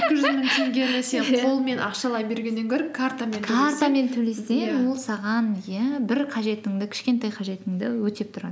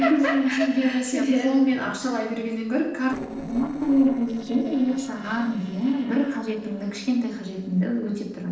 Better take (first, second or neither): first